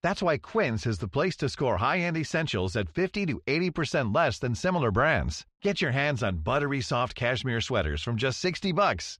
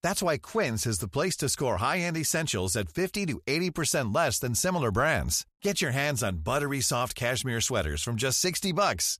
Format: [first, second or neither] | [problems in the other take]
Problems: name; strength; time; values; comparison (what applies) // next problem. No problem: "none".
second | muffled; slightly; fading above 4 kHz